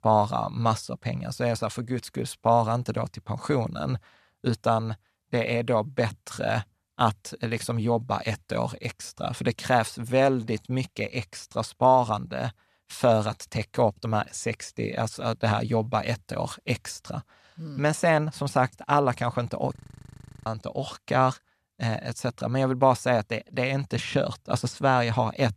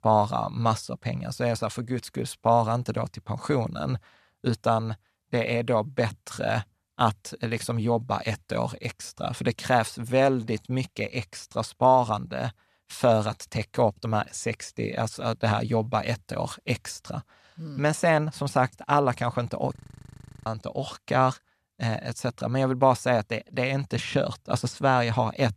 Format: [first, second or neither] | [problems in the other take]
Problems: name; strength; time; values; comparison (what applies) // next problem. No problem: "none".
neither | audio freezing; at 20 s for 0.5 s; the same in both